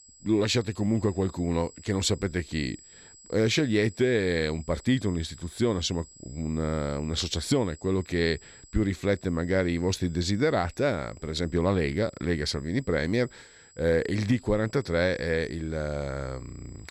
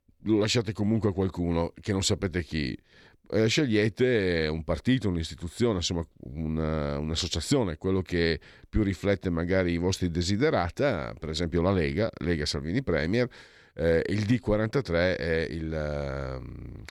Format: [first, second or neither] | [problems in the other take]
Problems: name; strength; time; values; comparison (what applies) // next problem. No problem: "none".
second | high-pitched whine; faint; throughout; 7.5 kHz, 25 dB below the speech